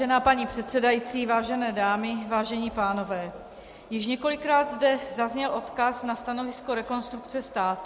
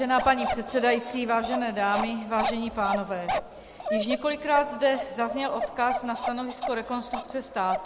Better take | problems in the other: first | background sound (Bark); 6 dB below the speech

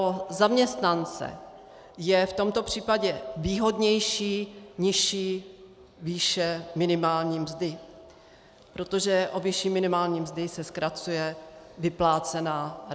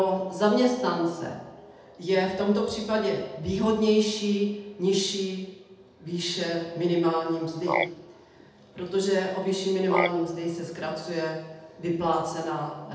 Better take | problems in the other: first | background sound (Frog); 7 dB below the speech // room echo; dies away in 0.8 s

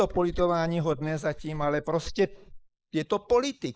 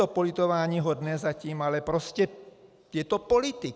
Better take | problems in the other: second | noise reduction (neural mask model Resemble Enhance denoiser)

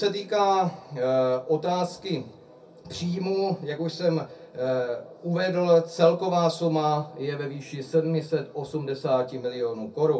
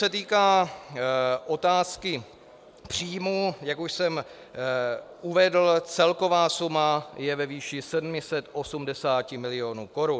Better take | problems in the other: second | room echo; dies away in 0.3 s

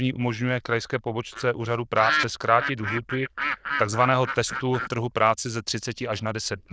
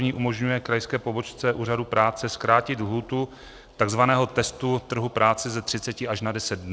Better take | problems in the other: second | noise reduction (neural diffusion model UNIVERSE++)

